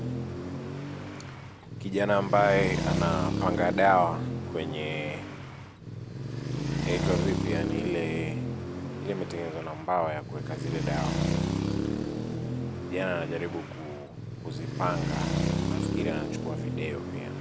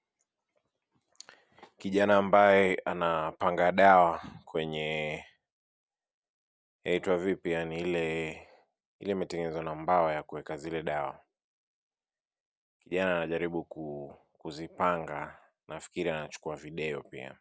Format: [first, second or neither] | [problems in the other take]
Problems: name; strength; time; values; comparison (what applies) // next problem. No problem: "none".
second | background sound (Traffic noise, roadway noise); as loud as the speech